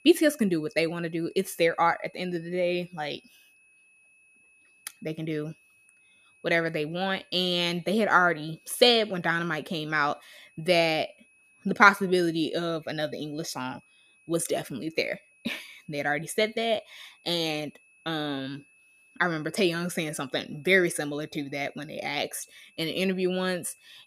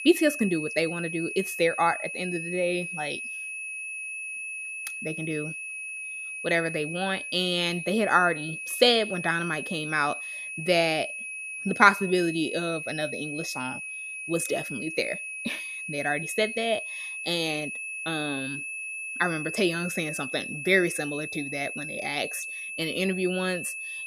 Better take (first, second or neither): first